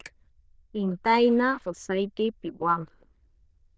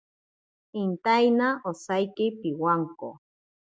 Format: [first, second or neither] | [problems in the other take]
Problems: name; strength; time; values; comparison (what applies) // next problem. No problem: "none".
second | noise reduction (neural diffusion model UNIVERSE++)